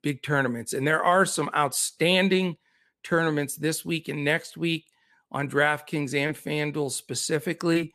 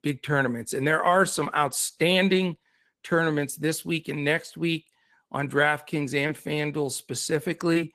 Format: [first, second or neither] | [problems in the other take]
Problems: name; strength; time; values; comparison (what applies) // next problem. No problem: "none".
first | garbled, watery; slightly; nothing above 14.5 kHz